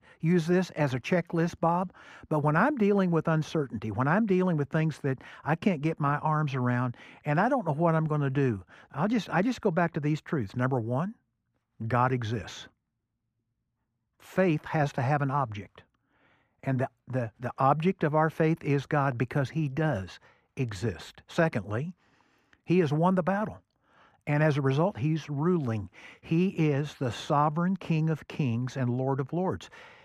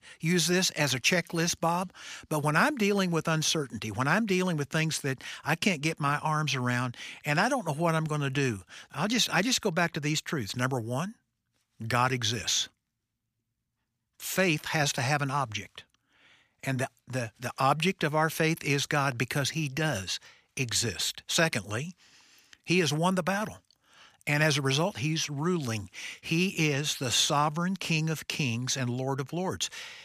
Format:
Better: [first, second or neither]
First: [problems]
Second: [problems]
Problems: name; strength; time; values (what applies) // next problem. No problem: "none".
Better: second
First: muffled; very; fading above 2.5 kHz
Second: none